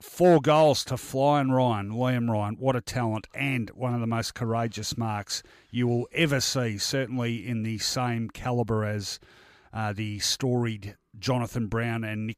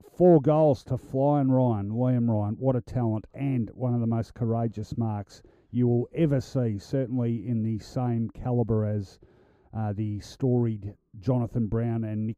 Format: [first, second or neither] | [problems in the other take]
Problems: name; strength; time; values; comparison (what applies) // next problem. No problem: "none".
first | muffled; very; fading above 1 kHz